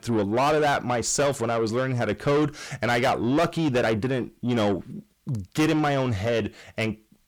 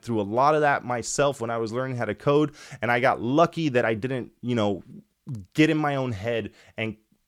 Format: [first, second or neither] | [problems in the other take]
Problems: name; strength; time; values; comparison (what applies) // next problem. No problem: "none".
second | distortion; heavy; 7 dB below the speech